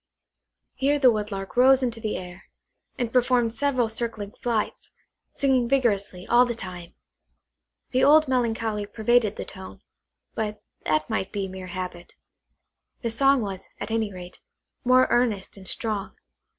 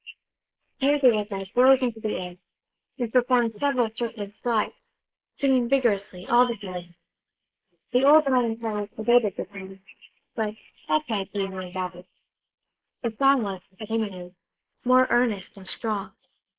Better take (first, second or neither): first